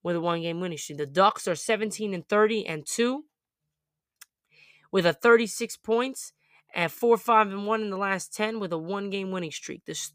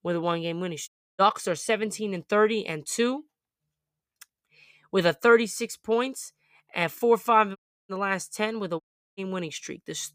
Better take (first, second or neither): first